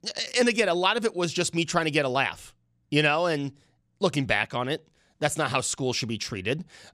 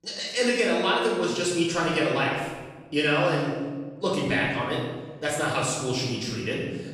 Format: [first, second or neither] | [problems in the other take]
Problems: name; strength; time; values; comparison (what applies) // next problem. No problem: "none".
first | off-mic speech; far // room echo; noticeable; dies away in 1.1 s